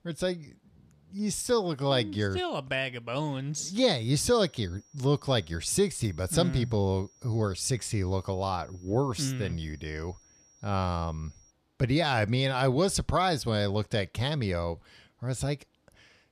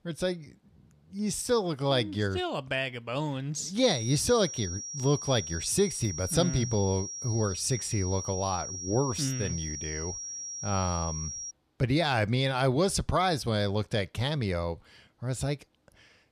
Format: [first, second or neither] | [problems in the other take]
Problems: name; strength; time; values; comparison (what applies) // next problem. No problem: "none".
first | high-pitched whine; loud; from 4 to 12 s; 5.5 kHz, 7 dB below the speech; faint in the first